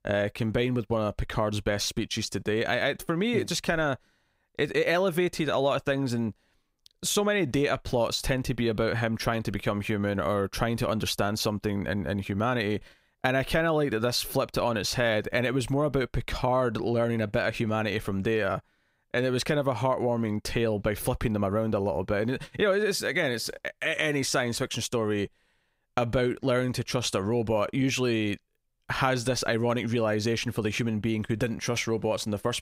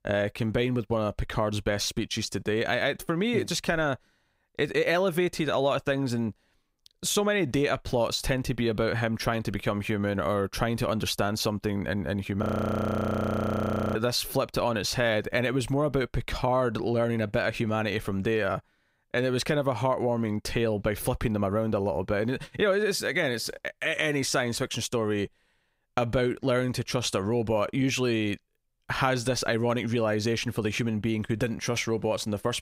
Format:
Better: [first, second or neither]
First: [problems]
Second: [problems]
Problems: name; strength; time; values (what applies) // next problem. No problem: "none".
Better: first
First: none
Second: audio freezing; at 12 s for 1.5 s